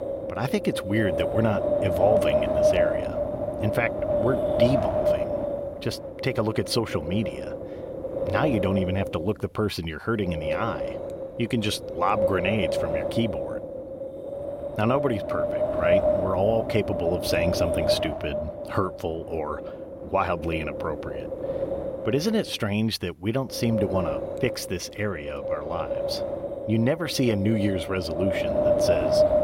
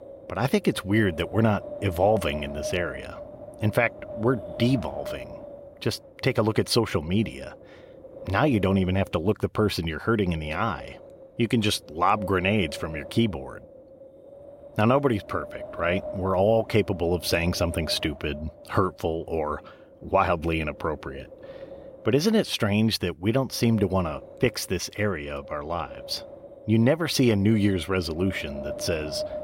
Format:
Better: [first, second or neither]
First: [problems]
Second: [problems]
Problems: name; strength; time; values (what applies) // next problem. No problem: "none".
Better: second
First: wind noise on the microphone; heavy; 2 dB above the speech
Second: wind noise on the microphone; occasional gusts; 15 dB below the speech